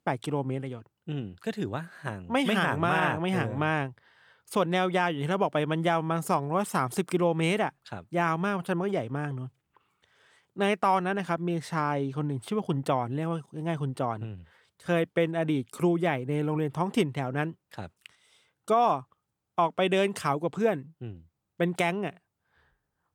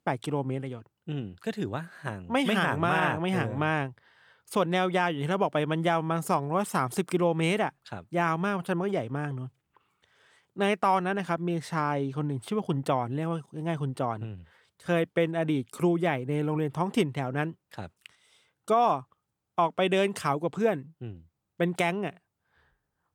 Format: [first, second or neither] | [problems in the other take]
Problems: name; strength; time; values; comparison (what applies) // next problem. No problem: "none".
neither | none